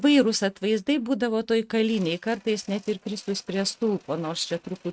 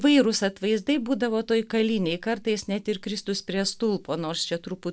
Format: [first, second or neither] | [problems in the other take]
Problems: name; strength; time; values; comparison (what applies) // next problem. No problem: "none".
second | noise reduction (neural mask model RNNoise)